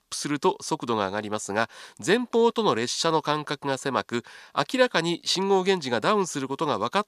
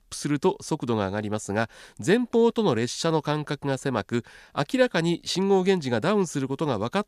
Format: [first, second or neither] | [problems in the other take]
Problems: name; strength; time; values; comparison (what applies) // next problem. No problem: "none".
second | thin; very slightly; fading below 650 Hz